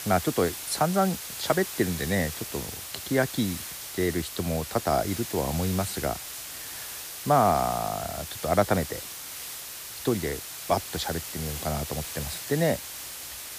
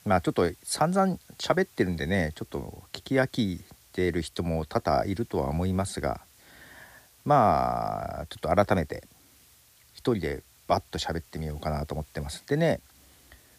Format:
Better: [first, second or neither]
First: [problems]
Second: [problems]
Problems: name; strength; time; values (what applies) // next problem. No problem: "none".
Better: second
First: hiss; loud; throughout; 7 dB below the speech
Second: hiss; faint; throughout; 25 dB below the speech